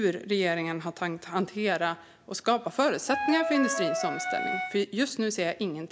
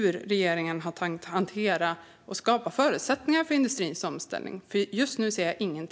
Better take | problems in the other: second | background sound (Wind instrument, woodwind instrument); 2 dB below the speech

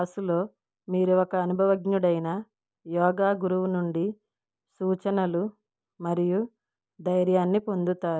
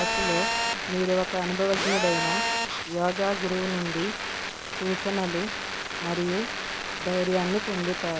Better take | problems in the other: first | background sound (Telephone); 1 dB below the speech

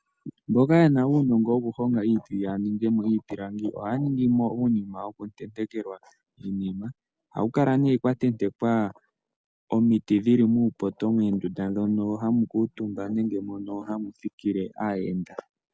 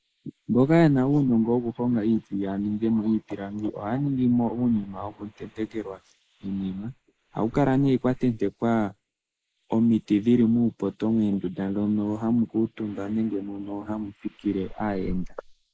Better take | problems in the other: first | noise reduction (neural mask model Resemble Enhance denoiser)

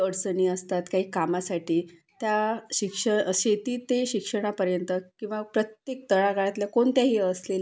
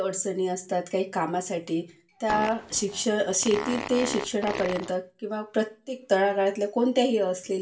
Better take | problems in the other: first | background sound (Fart); 9 dB below the speech // room echo; dies away in 0.2 s

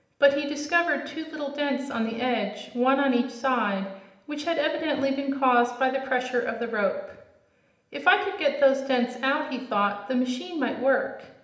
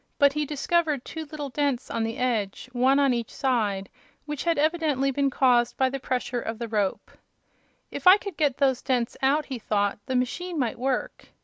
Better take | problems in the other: second | room echo; dies away in 0.8 s

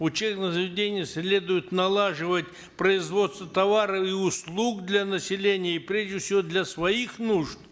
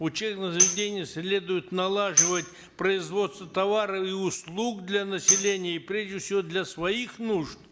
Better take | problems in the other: first | background sound (Tambourine); as loud as the speech

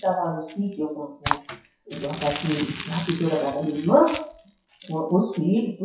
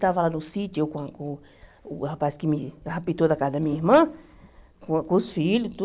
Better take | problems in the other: second | noise reduction (classical method WPE with log-MMSE)

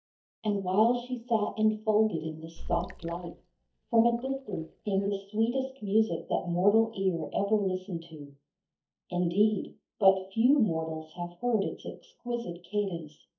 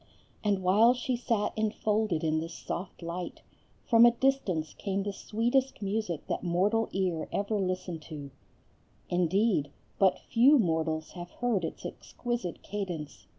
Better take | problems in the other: second | noise reduction (neural mask model DeepFilterNet 3)

